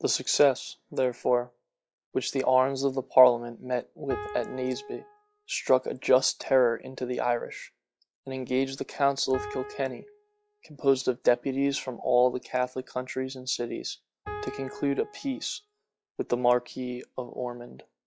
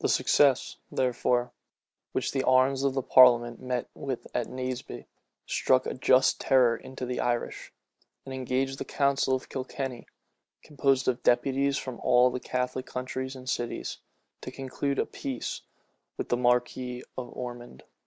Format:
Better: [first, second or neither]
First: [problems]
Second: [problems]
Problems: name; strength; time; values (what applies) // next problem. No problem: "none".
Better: second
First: noise reduction (classical method log-MMSE)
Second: none